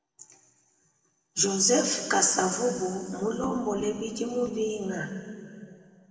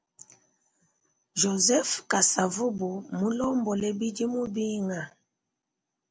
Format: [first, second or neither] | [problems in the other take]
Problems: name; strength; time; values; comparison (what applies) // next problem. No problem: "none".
second | room echo; dies away in 2.5 s